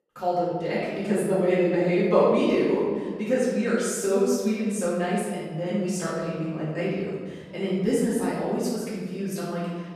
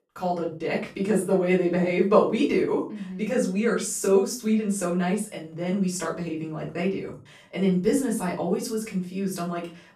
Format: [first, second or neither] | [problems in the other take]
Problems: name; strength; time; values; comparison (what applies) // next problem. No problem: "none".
second | room echo; strong; dies away in 1.4 s; slight in the second // off-mic speech; far; far in the second